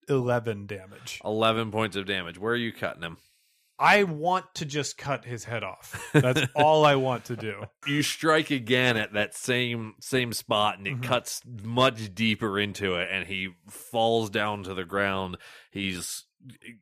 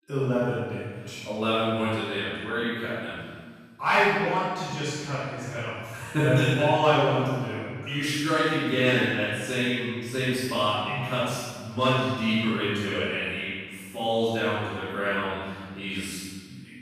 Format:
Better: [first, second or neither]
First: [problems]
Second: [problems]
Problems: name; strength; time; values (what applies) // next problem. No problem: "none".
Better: first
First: none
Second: room echo; strong; dies away in 1.5 s // off-mic speech; far